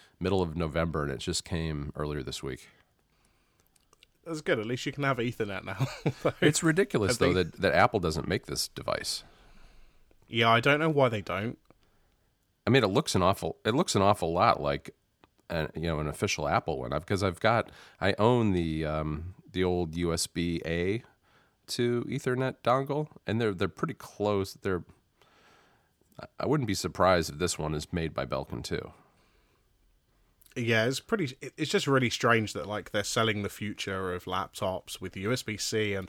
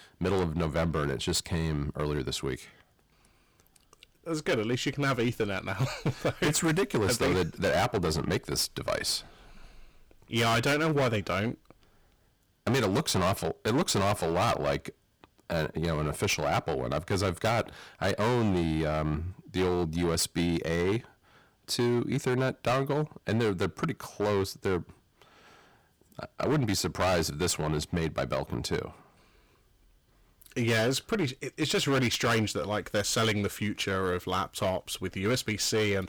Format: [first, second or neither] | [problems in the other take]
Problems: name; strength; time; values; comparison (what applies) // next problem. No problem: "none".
first | distortion; heavy; 12% of the sound clipped